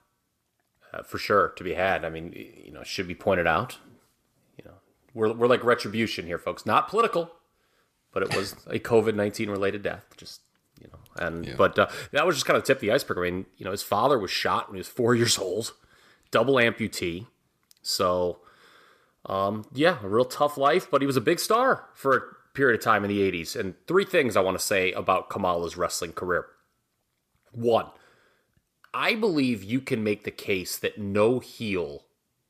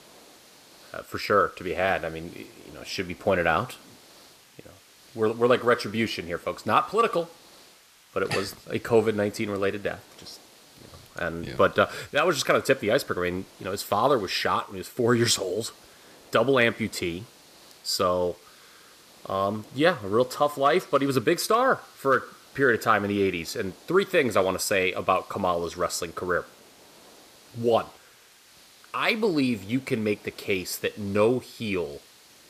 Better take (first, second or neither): first